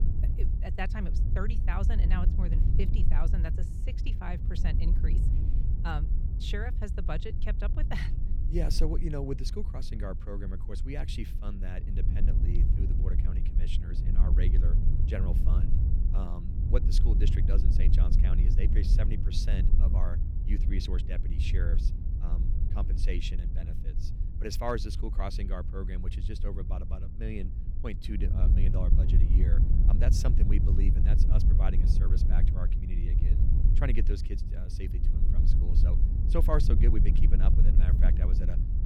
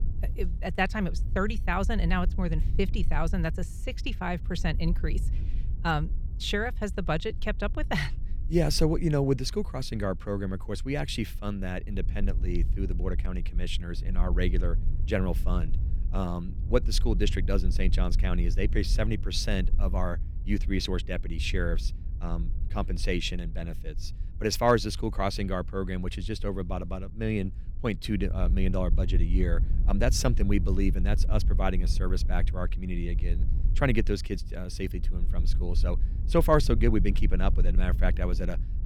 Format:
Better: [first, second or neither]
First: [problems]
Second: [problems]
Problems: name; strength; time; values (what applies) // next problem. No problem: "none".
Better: second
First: wind noise on the microphone; heavy; 5 dB below the speech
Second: wind noise on the microphone; occasional gusts; 20 dB below the speech